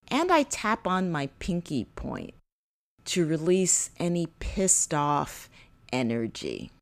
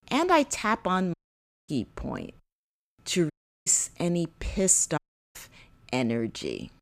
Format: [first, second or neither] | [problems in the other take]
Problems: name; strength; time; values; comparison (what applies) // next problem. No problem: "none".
first | audio cutting out; at 1 s for 0.5 s, at 3.5 s and at 5 s